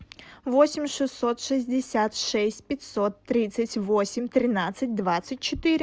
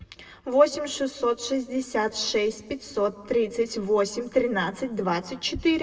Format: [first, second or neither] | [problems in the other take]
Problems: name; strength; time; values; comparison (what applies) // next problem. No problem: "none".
first | room echo; dies away in 1.1 s